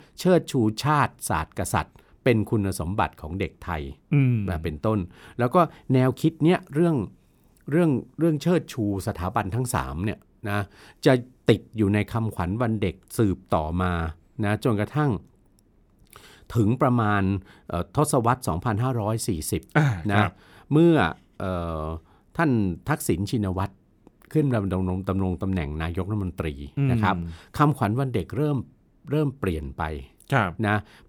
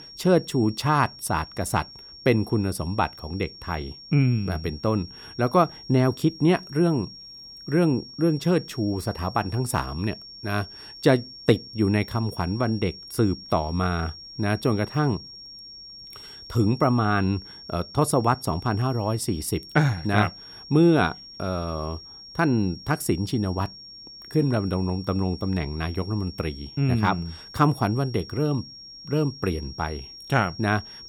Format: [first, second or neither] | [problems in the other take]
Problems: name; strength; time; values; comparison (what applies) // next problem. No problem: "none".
first | high-pitched whine; noticeable; throughout; 5.5 kHz, 15 dB below the speech